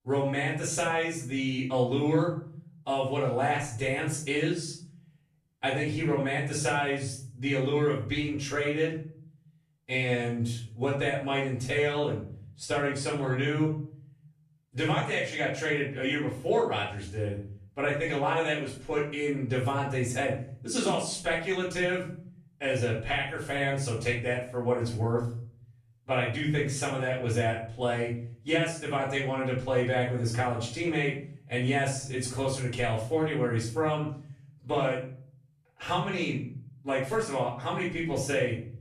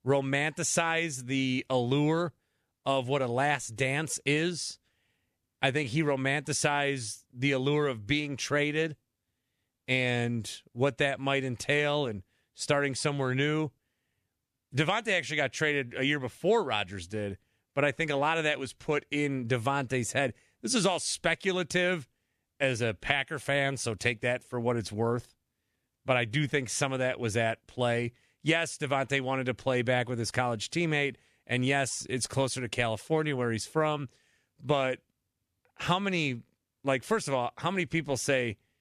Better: second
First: off-mic speech; far // room echo; noticeable; dies away in 0.6 s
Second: none

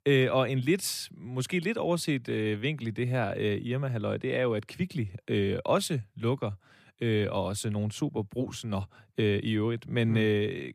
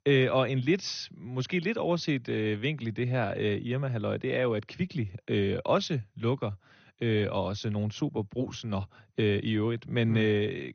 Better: first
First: none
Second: garbled, watery; slightly; nothing above 6.5 kHz

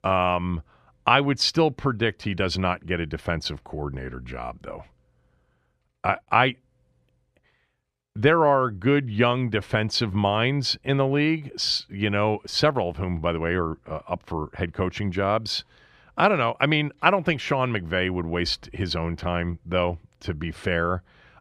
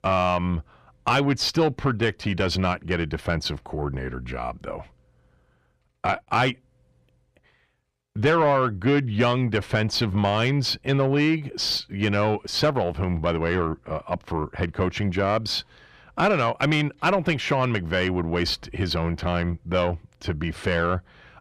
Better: first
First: none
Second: distortion; slight; 10 dB below the speech

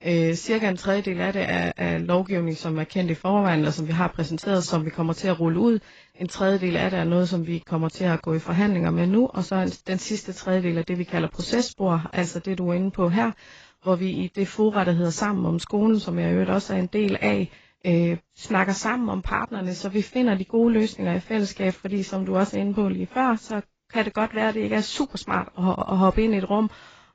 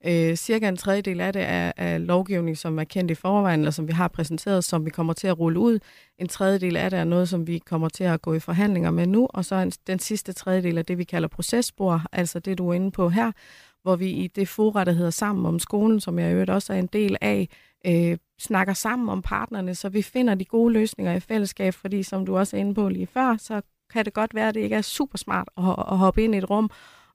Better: second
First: garbled, watery; badly; nothing above 7.5 kHz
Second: none

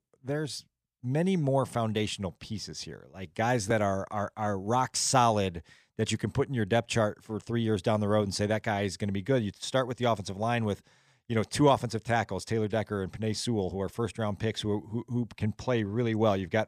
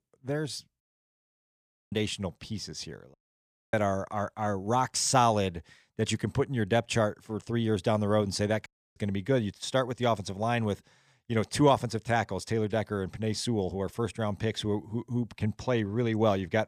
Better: first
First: none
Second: audio cutting out; at 1 s for 1 s, at 3 s for 0.5 s and at 8.5 s

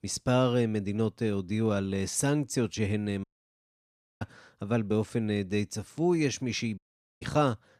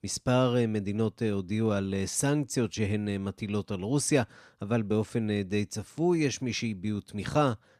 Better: second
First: audio cutting out; at 3 s for 1 s and at 7 s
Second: none

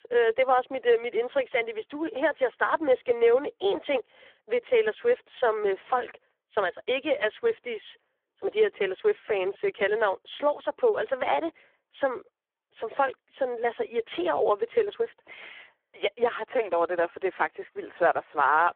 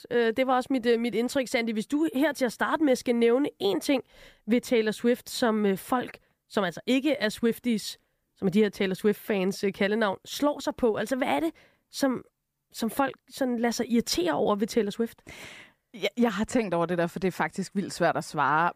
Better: second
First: phone-call audio; poor line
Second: none

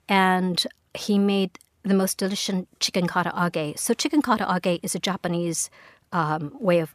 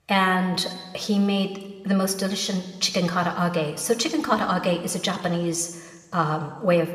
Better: first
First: none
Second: room echo; slight; dies away in 1.1 s

